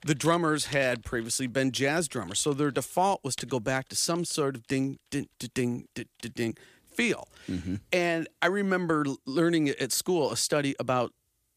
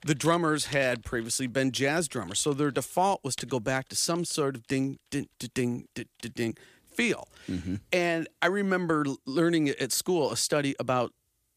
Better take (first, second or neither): neither